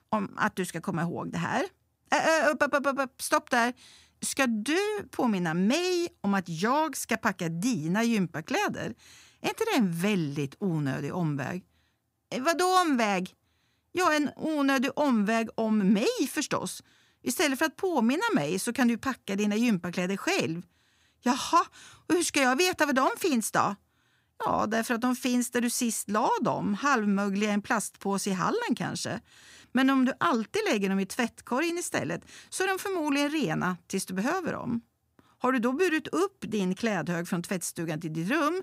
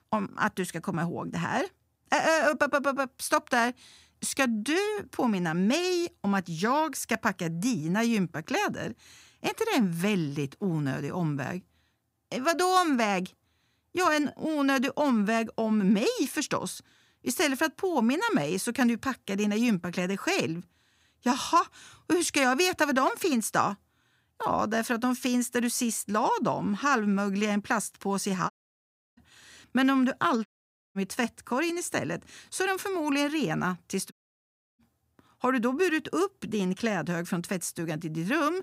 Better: first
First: none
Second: audio cutting out; at 29 s for 0.5 s, at 30 s and at 34 s for 0.5 s

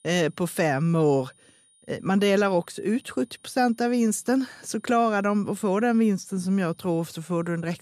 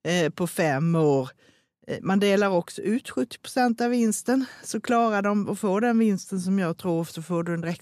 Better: second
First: high-pitched whine; faint; throughout; 9.5 kHz, 35 dB below the speech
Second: none

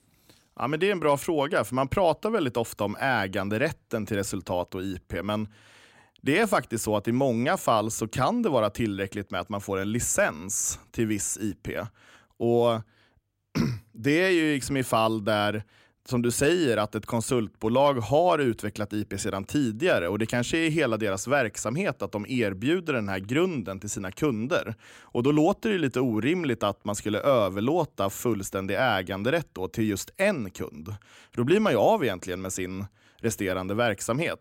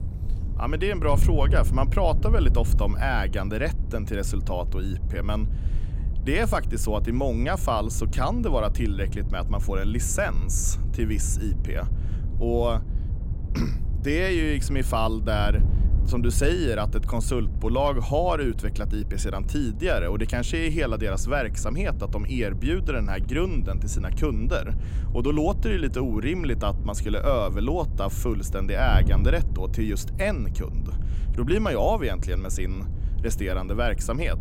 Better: first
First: none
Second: wind noise on the microphone; occasional gusts; 15 dB below the speech

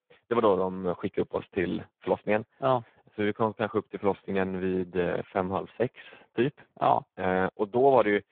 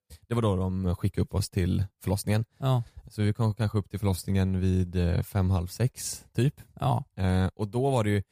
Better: second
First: phone-call audio; poor line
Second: none

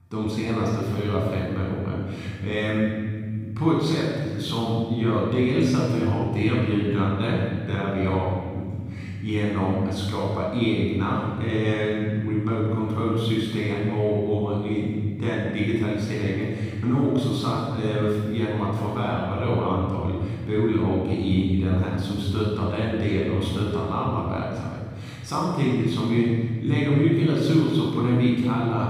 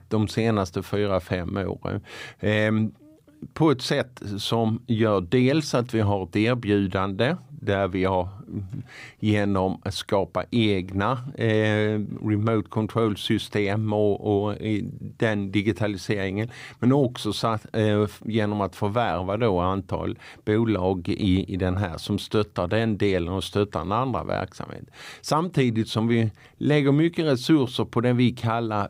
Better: second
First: off-mic speech; far // room echo; strong; dies away in 2.8 s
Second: none

